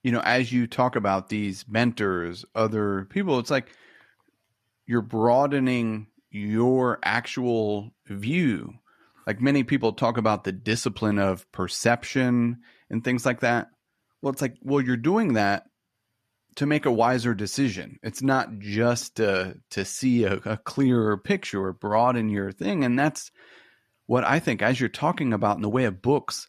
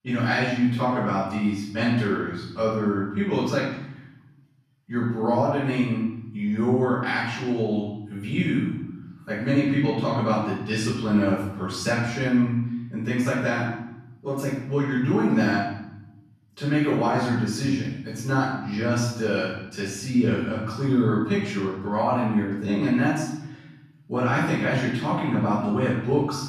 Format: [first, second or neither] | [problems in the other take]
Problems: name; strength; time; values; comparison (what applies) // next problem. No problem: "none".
first | room echo; noticeable; dies away in 0.9 s // off-mic speech; far